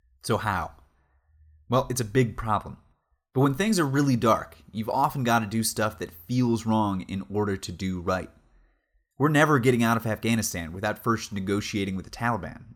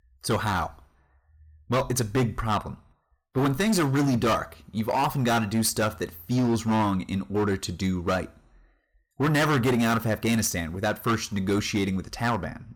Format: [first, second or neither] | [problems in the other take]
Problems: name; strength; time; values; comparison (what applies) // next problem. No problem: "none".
first | distortion; heavy; 11% of the sound clipped